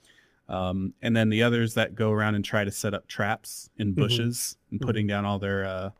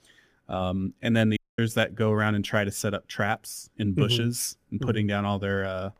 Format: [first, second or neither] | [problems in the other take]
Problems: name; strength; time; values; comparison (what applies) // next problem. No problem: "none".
first | audio cutting out; at 1.5 s